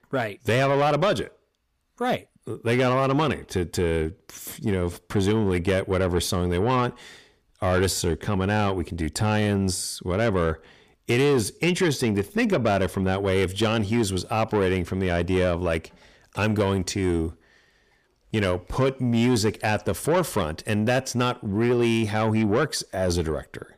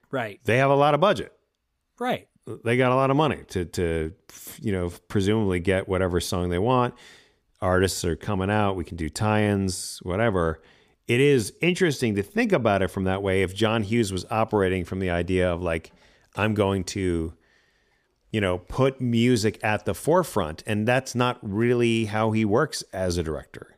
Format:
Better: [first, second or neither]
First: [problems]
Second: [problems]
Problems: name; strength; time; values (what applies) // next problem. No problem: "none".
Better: second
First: distortion; slight; 10 dB below the speech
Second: none